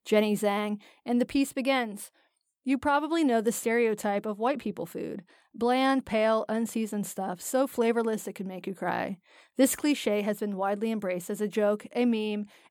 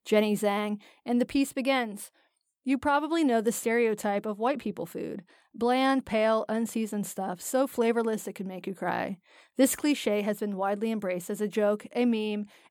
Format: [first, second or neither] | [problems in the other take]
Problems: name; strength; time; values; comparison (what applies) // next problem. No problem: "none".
neither | none